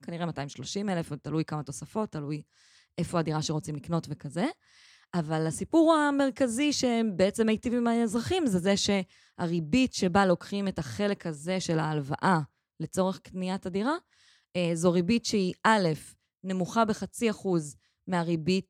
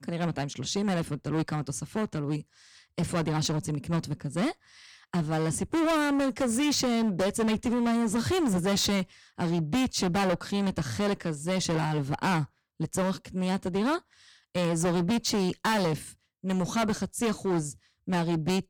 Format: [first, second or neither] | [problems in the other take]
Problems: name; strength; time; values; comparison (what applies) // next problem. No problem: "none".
first | distortion; heavy; 18% of the sound clipped